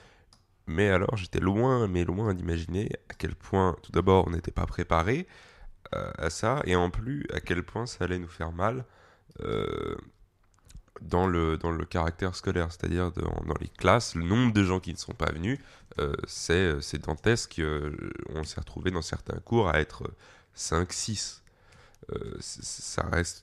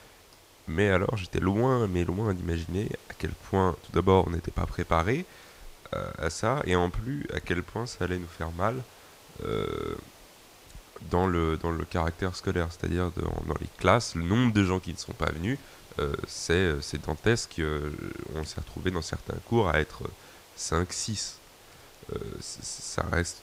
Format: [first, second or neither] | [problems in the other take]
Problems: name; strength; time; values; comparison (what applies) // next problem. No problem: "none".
first | hiss; faint; throughout; 25 dB below the speech